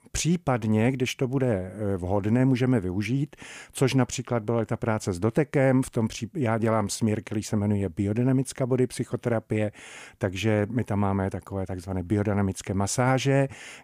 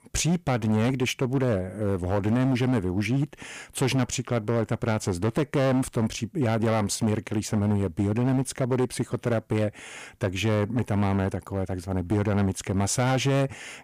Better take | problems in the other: first | distortion; slight; 11% of the sound clipped

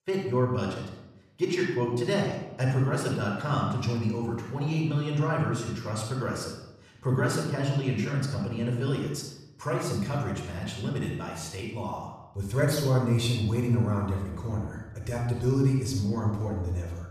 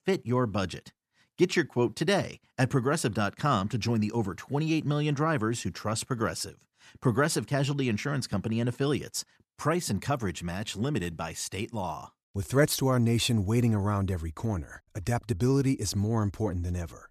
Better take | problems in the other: second | off-mic speech; somewhat distant // room echo; noticeable; dies away in 0.8 s

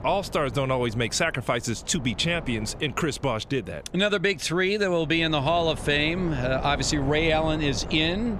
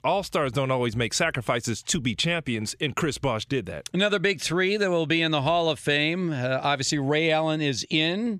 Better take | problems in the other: second | wind noise on the microphone; occasional gusts; 15 dB below the speech

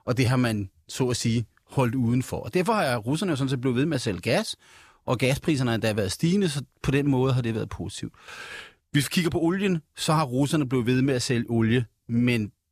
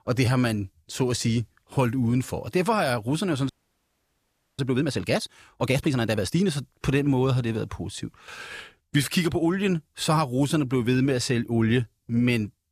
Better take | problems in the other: first | audio freezing; at 3.5 s for 1 s

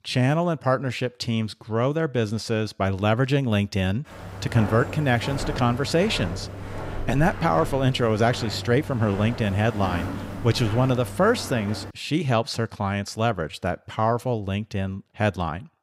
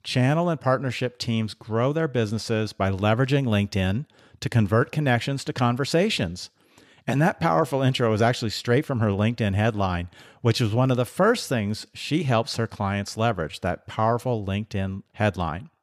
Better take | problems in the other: second | footsteps; noticeable; from 4 to 12 s; peak 6 dB below the speech

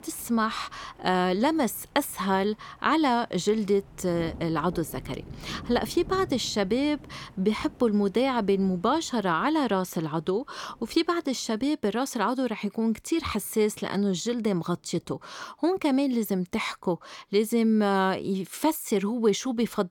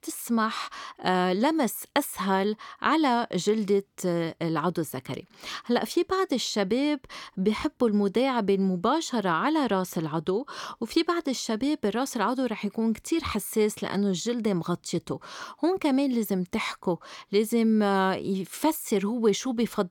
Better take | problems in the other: second | rain or running water; faint; throughout; 20 dB below the speech

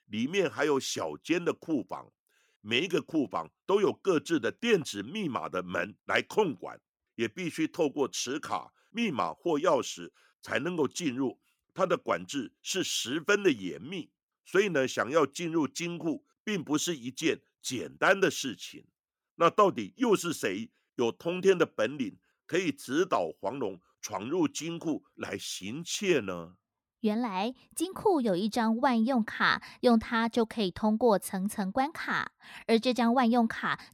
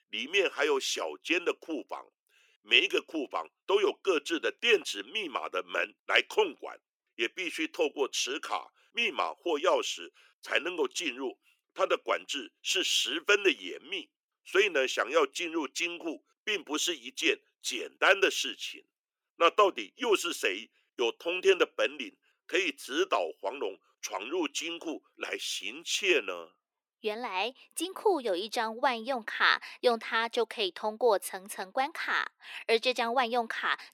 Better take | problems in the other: first | thin; somewhat; fading below 350 Hz

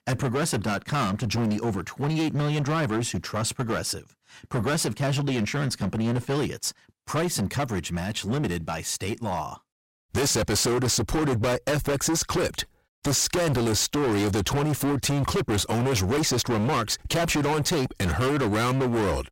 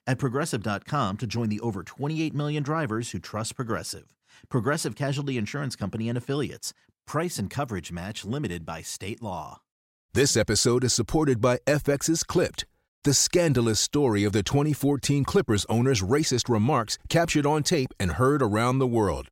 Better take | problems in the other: second | distortion; heavy; 28% of the sound clipped

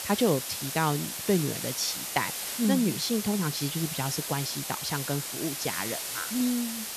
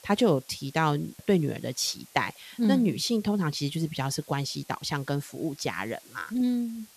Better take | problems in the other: second | hiss; loud; throughout; 3 dB below the speech; faint in the second

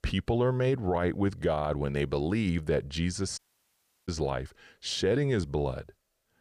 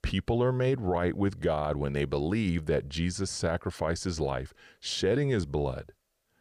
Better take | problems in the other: second | audio cutting out; at 3.5 s for 0.5 s

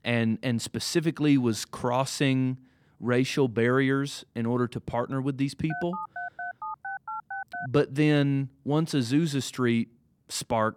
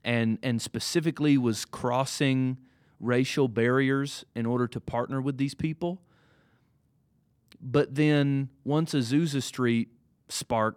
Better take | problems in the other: second | phone ringing; noticeable; from 5.5 to 7.5 s; peak 9 dB below the speech

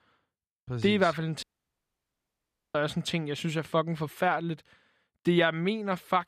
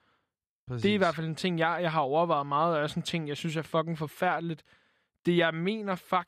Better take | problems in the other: second | audio cutting out; at 1.5 s for 1.5 s

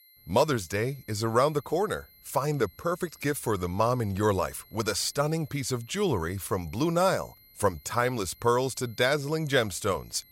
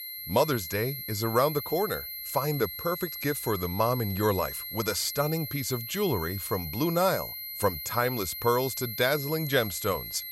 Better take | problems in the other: first | high-pitched whine; loud; throughout; 11.5 kHz, 6 dB below the speech; faint in the first

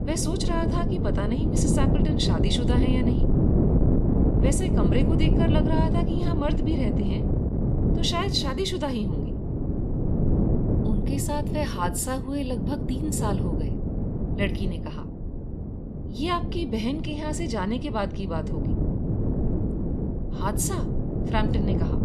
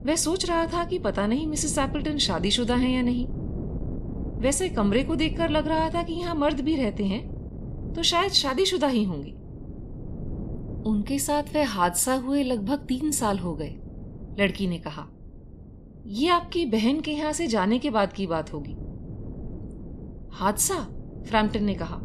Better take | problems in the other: second | wind noise on the microphone; heavy; 3 dB below the speech; occasional gusts in the second

